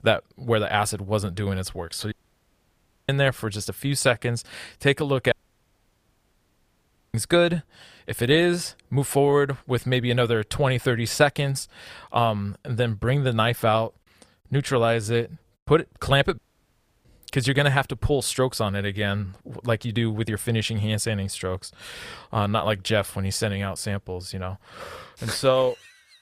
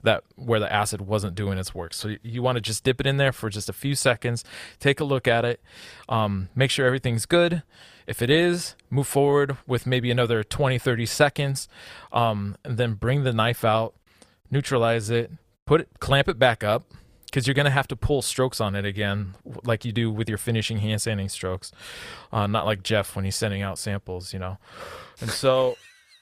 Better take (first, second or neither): second